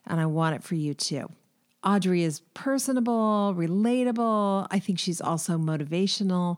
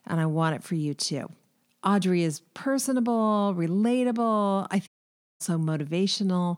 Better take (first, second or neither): first